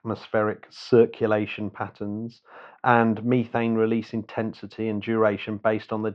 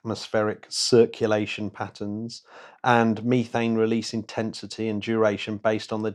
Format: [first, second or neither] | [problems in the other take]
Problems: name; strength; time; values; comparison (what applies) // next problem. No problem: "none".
second | muffled; very; fading above 3 kHz